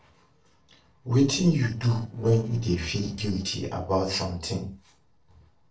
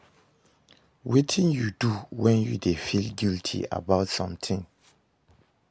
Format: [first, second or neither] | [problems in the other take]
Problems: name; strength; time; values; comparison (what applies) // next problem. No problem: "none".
second | noise reduction (neural separator model SepFormer DNS4)